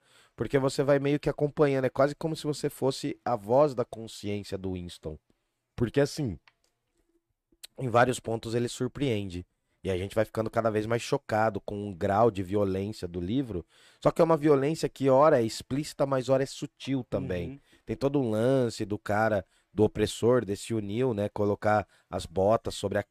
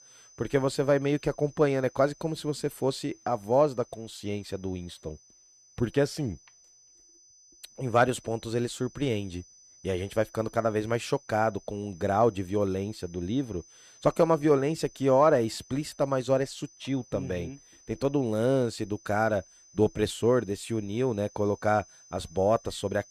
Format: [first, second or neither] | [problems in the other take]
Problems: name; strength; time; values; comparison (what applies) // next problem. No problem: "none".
first | high-pitched whine; faint; throughout; 6 kHz, 25 dB below the speech